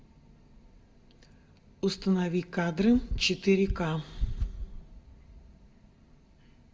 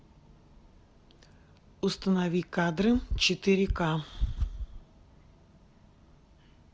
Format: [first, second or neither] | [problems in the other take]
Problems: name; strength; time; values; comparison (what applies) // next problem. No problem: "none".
second | room echo; dies away in 1 s